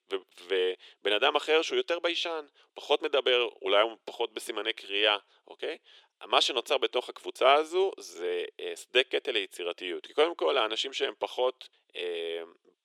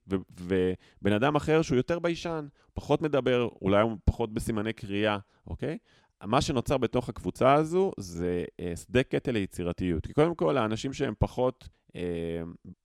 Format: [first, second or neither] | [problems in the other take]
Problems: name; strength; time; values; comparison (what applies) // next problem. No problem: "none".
second | thin; very; fading below 400 Hz